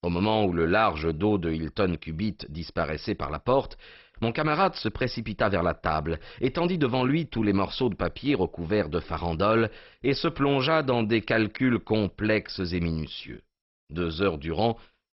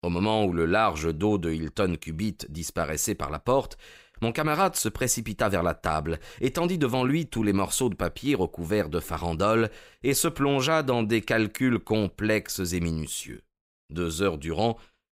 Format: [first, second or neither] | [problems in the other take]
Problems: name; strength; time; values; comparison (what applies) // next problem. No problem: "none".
second | garbled, watery; badly; nothing above 5.5 kHz